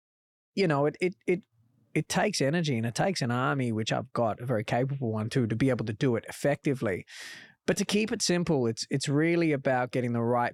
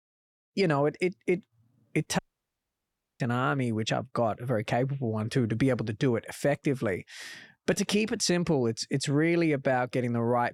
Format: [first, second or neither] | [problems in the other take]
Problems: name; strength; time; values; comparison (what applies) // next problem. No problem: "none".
first | audio cutting out; at 2 s for 1 s